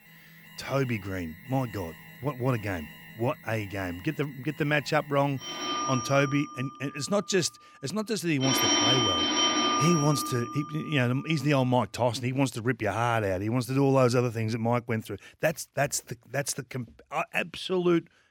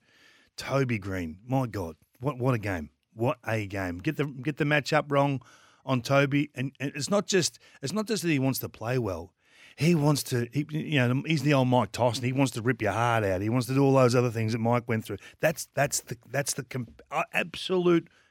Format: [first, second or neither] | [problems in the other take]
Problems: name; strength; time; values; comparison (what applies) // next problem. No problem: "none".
second | alarms or sirens; very loud; until 12 s; 2 dB above the speech